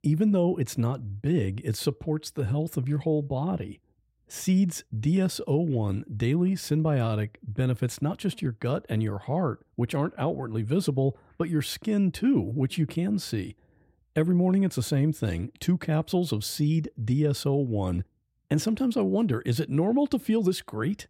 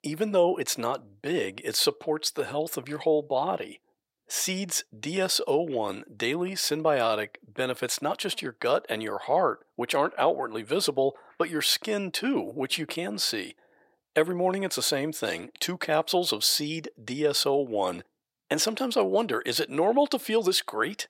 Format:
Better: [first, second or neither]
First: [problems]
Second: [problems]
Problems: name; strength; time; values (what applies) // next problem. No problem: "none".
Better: first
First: none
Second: thin; very; fading below 600 Hz